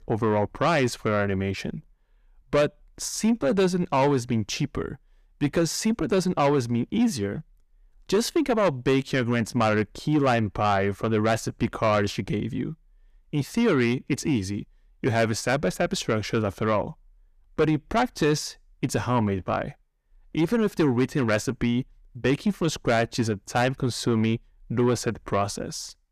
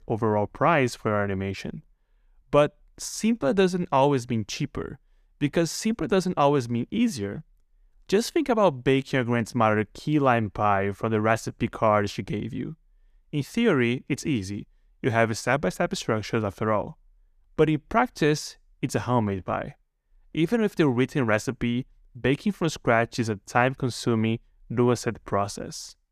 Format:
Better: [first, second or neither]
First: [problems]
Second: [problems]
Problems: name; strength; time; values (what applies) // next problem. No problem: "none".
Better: second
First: distortion; slight; 10 dB below the speech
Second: none